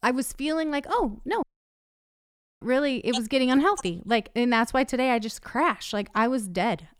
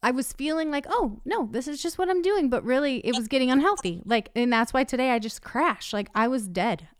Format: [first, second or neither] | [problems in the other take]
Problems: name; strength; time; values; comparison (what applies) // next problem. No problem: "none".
second | audio cutting out; at 1.5 s for 1 s